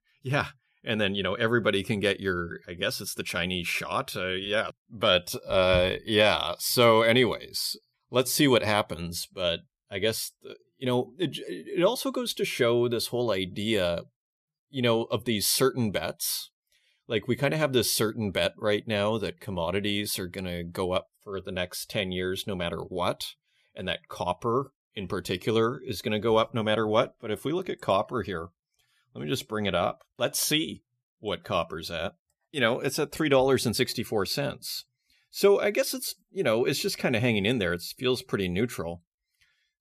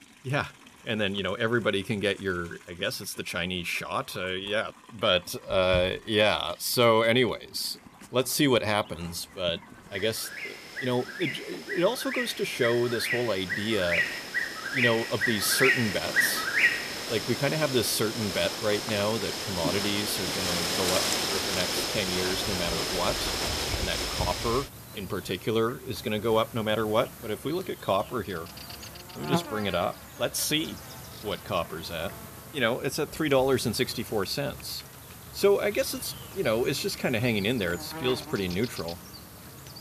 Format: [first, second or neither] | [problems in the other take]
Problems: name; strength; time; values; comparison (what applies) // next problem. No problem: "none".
first | animal sounds; loud; throughout; 2 dB below the speech